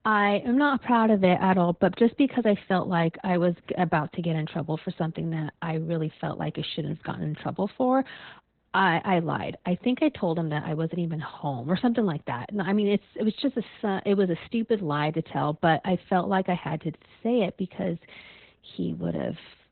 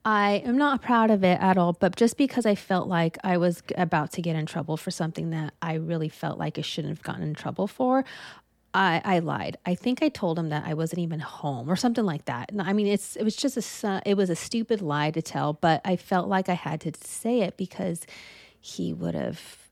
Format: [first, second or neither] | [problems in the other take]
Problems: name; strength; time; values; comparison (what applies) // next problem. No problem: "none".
second | garbled, watery; badly; nothing above 4 kHz